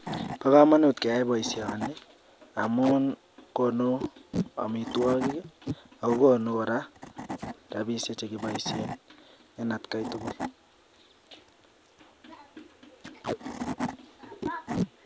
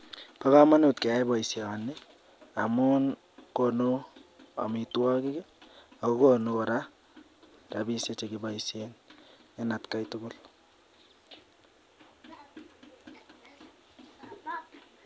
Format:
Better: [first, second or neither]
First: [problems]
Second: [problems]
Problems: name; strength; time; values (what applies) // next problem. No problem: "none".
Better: second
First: background sound (Wood / Tools + Packing tape, duct tape); 9 dB below the speech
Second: none